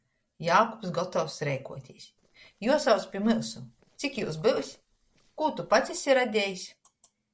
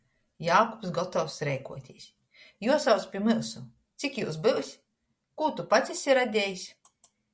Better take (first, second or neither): second